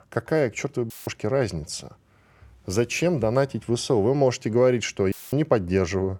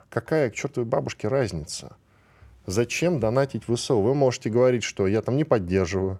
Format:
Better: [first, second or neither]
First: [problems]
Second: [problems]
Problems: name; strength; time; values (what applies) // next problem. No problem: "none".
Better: second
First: audio cutting out; filled with static; at 1 s and at 5 s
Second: none